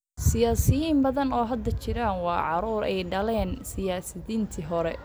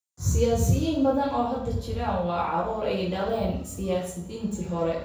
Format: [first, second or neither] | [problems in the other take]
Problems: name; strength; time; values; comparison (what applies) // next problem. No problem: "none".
first | room echo; dies away in 0.6 s